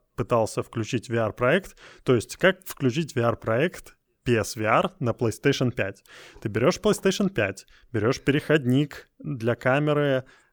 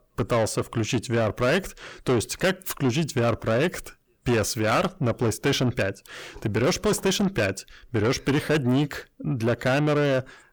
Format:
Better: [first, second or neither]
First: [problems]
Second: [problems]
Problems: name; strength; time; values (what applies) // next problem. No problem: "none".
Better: first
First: none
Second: distortion; heavy; 8 dB below the speech